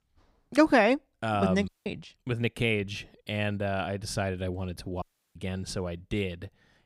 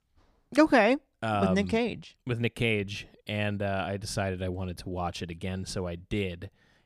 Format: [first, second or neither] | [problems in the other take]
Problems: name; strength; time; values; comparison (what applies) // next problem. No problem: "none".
second | audio cutting out; at 1.5 s and at 5 s